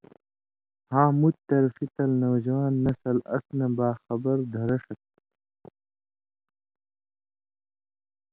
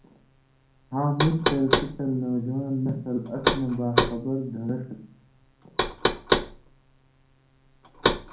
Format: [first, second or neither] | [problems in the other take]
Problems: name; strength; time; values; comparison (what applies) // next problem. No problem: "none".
first | background sound (Knock); as loud as the speech // room echo; dies away in 0.6 s